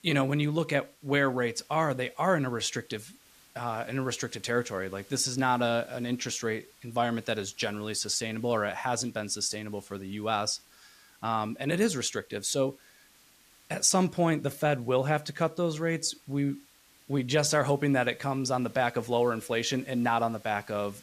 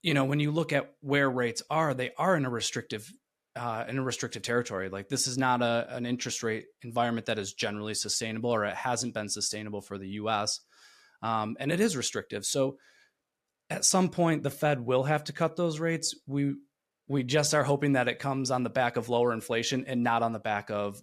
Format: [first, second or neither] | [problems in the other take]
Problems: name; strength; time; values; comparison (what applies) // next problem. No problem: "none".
second | hiss; faint; throughout; 25 dB below the speech